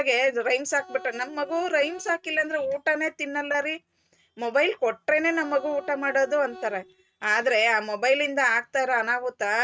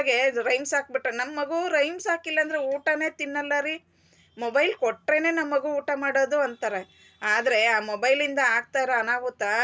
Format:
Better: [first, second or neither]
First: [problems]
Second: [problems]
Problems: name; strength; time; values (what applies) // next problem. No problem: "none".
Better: second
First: noise reduction (neural mask model RNNoise)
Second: none